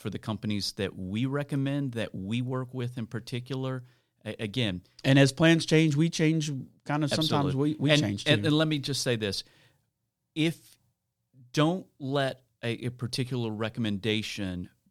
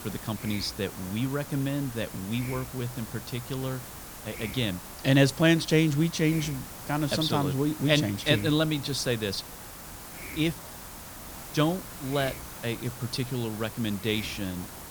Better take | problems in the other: first | hiss; noticeable; throughout; 10 dB below the speech

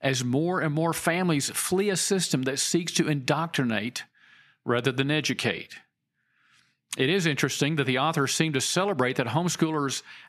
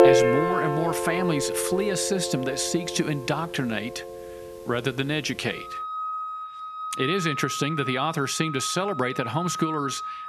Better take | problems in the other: first | background music; loud; throughout; 3 dB below the speech

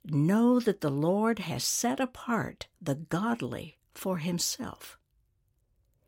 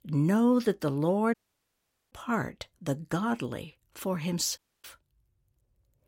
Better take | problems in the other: first | audio cutting out; at 1.5 s for 1 s and at 4.5 s

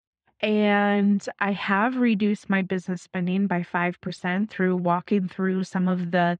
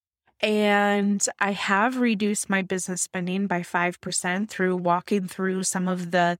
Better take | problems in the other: second | muffled; very; fading above 3.5 kHz

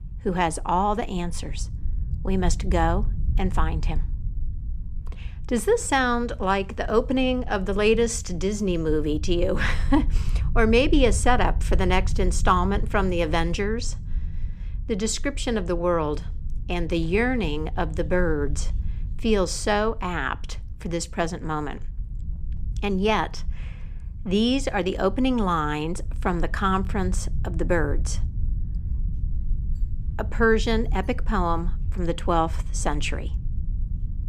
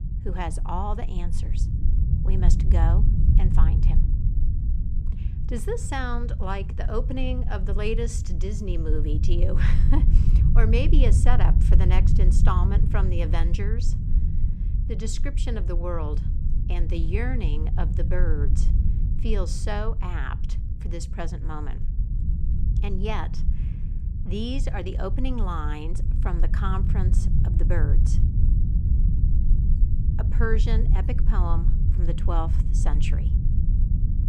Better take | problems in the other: first | low rumble; loud; throughout; 7 dB below the speech; faint in the first

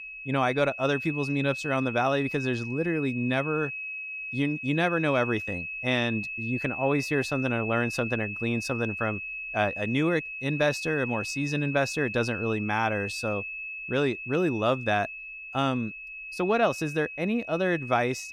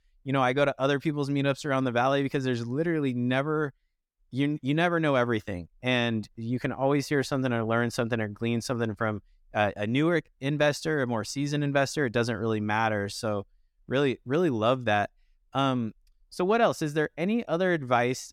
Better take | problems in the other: second | high-pitched whine; loud; throughout; 2.5 kHz, 6 dB below the speech

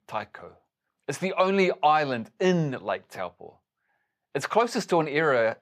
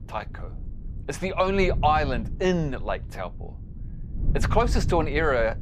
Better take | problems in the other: first | wind noise on the microphone; occasional gusts; 20 dB below the speech

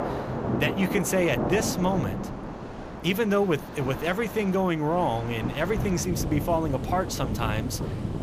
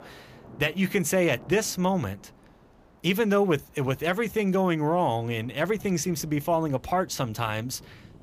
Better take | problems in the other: second | rain or running water; loud; throughout; 6 dB below the speech; faint in the second

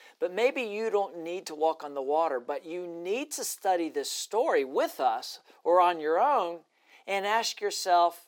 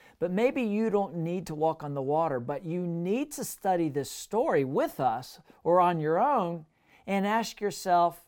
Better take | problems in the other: second | thin; somewhat; fading below 350 Hz

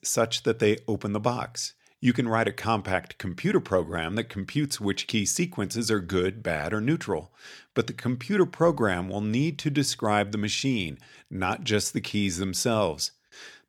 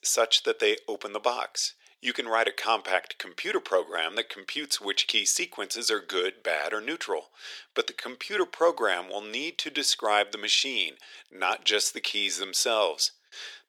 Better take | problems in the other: first | thin; very; fading below 400 Hz

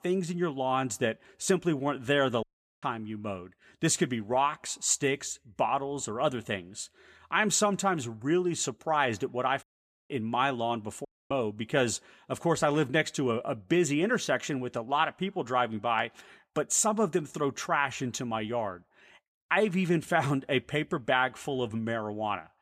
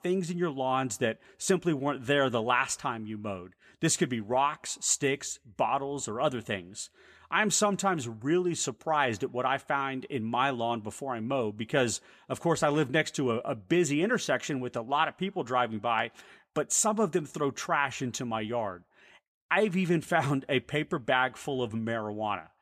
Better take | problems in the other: second | audio cutting out; at 2.5 s, at 9.5 s and at 11 s

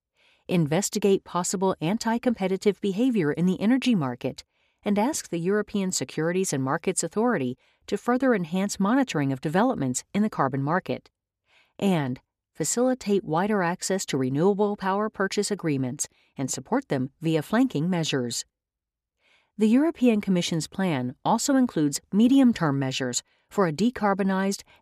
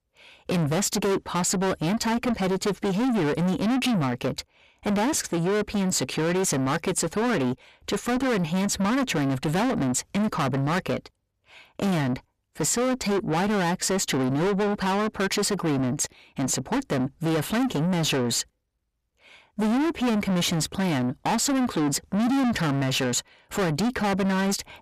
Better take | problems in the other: first | distortion; heavy; 6 dB below the speech

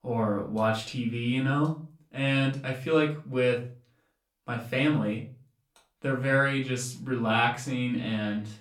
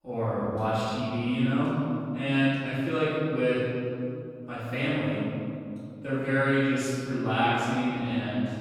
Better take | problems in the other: first | room echo; strong; dies away in 2.6 s; slight in the first // off-mic speech; far; far in the first

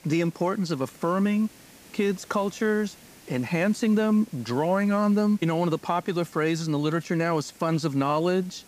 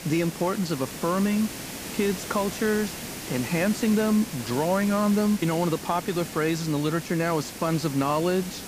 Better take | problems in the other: first | hiss; loud; throughout; 10 dB below the speech; faint in the first

